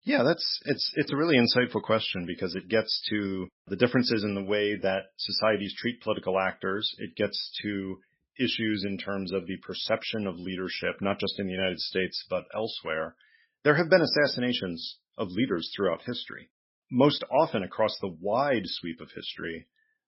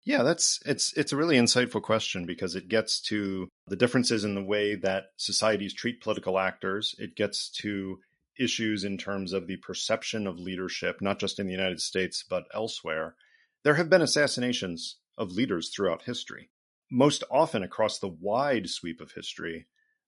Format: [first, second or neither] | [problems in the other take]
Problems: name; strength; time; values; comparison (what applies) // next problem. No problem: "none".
second | garbled, watery; badly; nothing above 5.5 kHz; slightly in the second